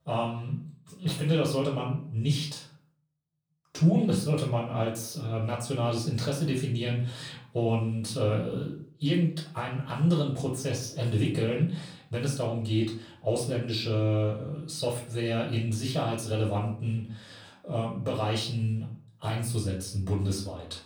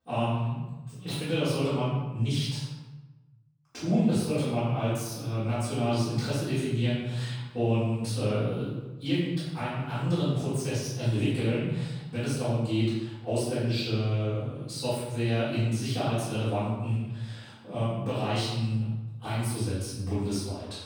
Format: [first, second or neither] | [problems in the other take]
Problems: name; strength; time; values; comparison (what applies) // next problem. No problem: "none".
first | room echo; strong; dies away in 0.9 s; slight in the first // off-mic speech; far; far in the first